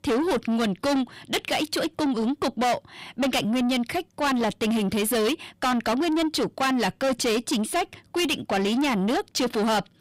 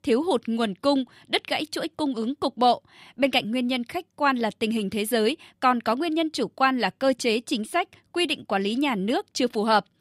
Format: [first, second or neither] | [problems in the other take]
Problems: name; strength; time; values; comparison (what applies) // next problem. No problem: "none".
second | distortion; heavy; 6 dB below the speech